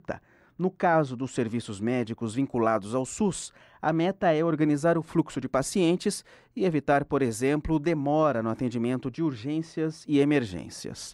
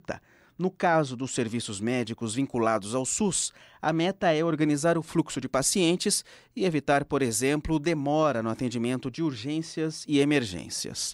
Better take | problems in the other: second | muffled; slightly; fading above 2.5 kHz

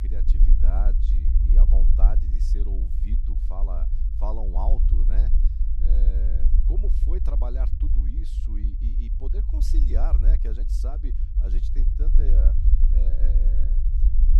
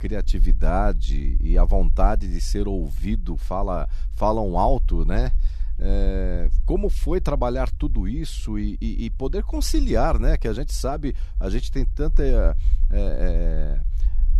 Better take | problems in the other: second | low rumble; loud; throughout; 4 dB below the speech; faint in the second

